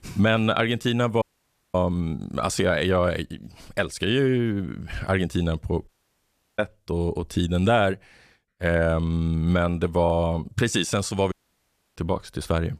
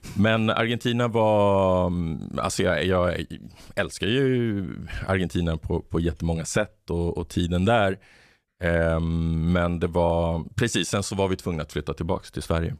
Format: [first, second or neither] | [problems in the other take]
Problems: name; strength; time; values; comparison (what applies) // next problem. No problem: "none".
second | audio cutting out; at 1 s for 0.5 s, at 6 s for 0.5 s and at 11 s for 0.5 s